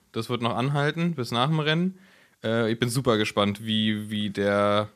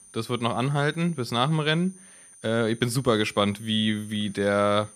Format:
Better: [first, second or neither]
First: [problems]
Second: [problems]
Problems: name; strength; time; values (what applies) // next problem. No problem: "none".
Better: first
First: none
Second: high-pitched whine; faint; throughout; 9 kHz, 25 dB below the speech